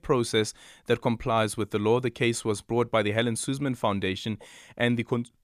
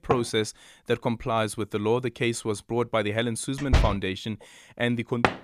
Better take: first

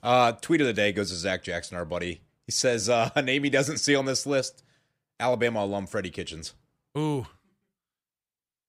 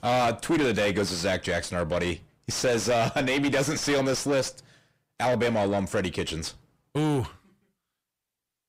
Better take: first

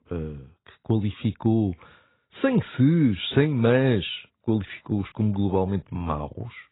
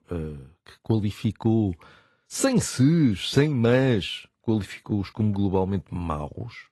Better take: second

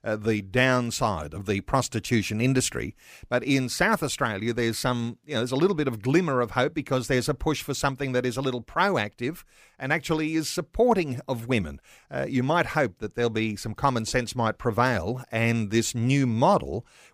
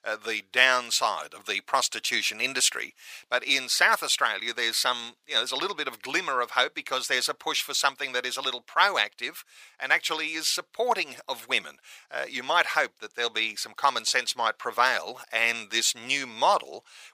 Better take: first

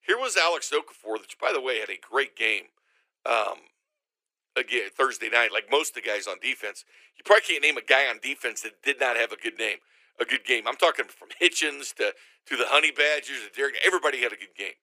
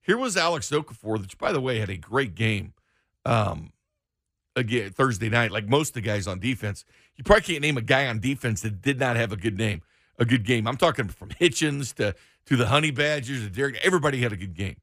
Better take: second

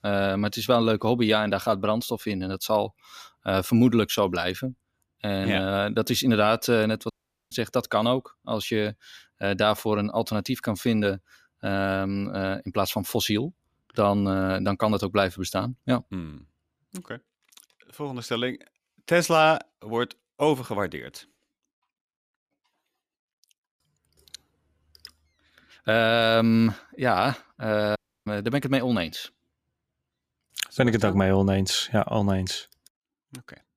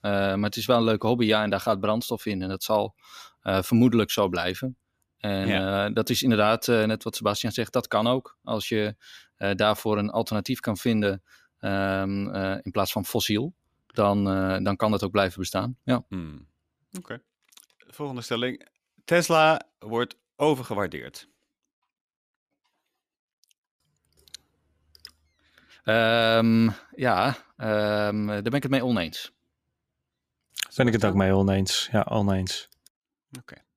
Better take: second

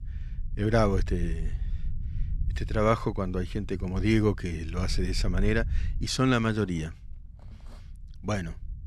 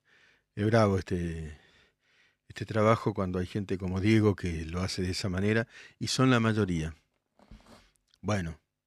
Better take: second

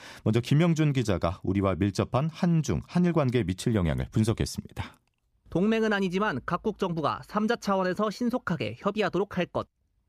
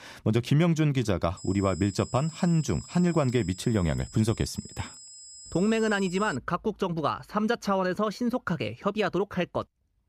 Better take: first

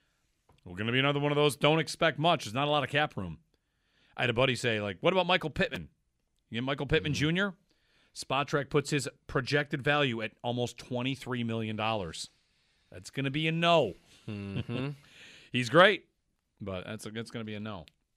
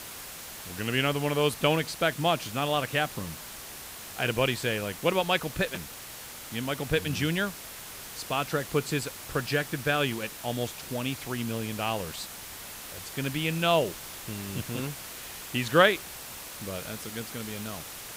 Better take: first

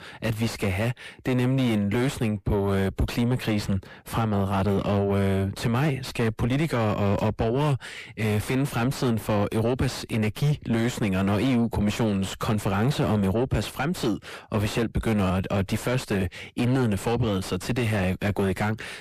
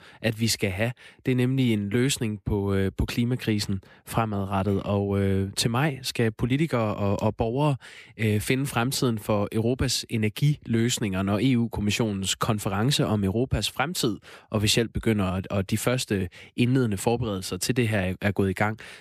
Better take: second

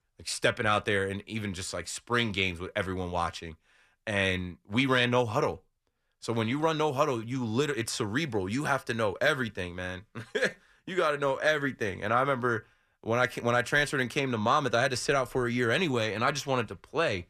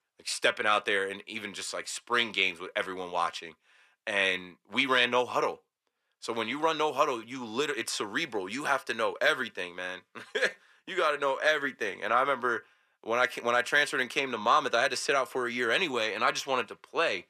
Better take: first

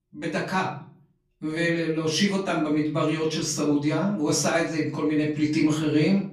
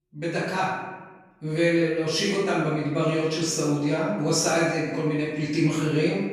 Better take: first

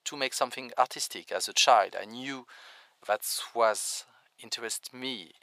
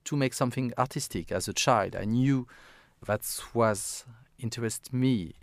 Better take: second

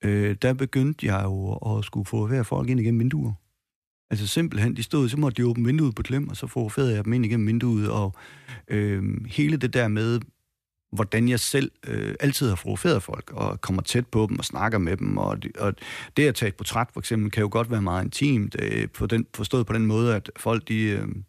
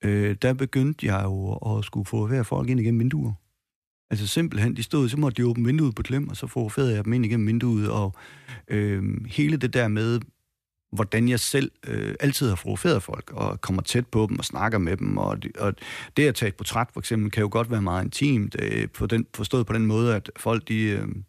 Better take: neither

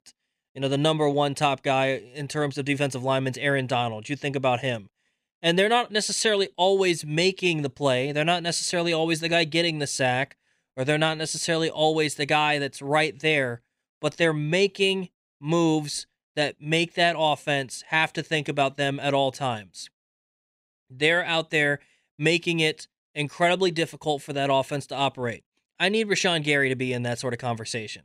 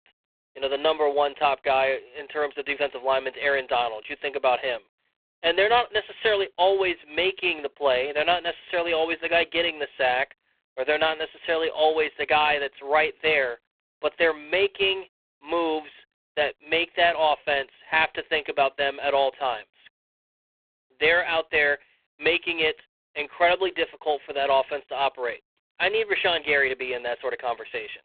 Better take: first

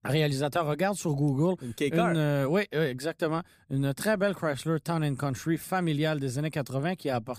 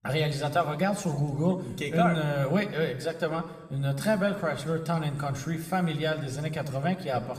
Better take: first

